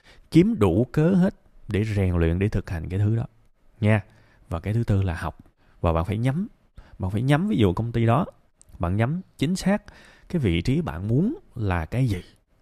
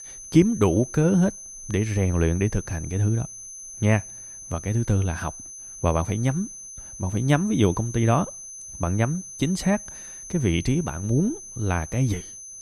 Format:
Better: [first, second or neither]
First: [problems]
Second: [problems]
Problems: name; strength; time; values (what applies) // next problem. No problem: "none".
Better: first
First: none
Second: high-pitched whine; noticeable; throughout; 6 kHz, 15 dB below the speech